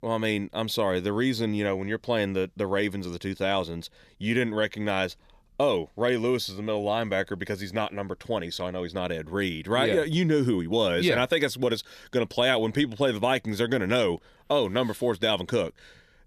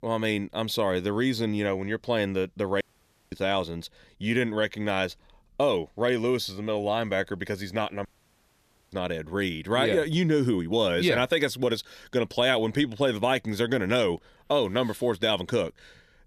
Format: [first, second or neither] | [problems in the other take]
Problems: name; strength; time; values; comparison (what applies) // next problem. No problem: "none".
first | audio cutting out; at 3 s for 0.5 s and at 8 s for 1 s